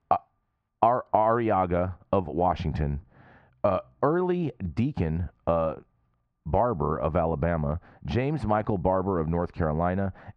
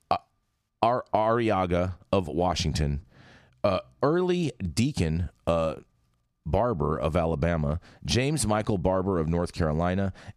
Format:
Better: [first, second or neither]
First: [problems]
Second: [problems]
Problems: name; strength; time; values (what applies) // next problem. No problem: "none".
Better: second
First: muffled; very; fading above 1.5 kHz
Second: none